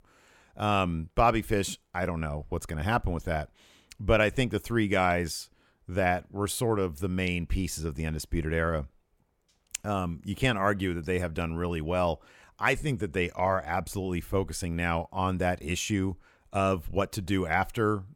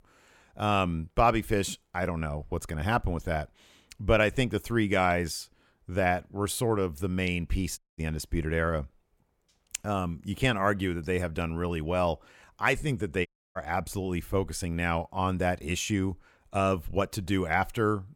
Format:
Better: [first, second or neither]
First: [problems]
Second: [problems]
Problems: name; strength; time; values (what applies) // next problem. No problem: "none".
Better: first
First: none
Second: audio cutting out; at 8 s and at 13 s